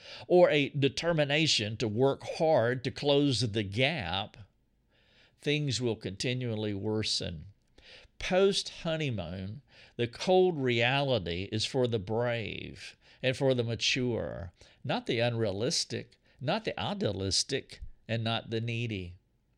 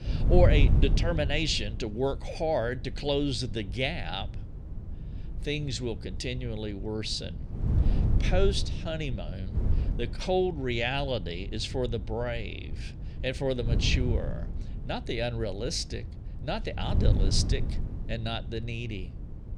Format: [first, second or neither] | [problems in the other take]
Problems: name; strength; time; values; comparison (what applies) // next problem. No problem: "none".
first | wind noise on the microphone; occasional gusts; 15 dB below the speech